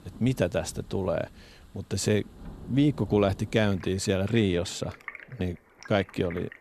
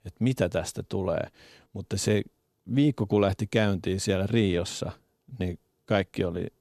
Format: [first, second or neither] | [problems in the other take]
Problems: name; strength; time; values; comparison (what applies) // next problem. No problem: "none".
second | rain or running water; noticeable; throughout; 20 dB below the speech